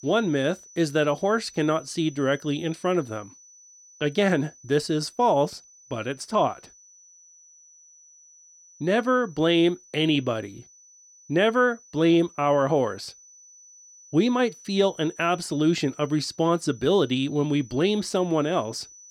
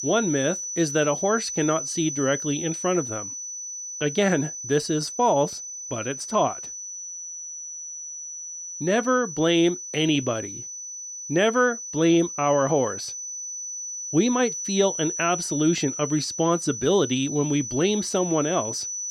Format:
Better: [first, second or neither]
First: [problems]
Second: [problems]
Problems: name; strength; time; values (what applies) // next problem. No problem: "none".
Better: first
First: high-pitched whine; faint; throughout; 6 kHz, 25 dB below the speech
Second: high-pitched whine; loud; throughout; 6 kHz, 7 dB below the speech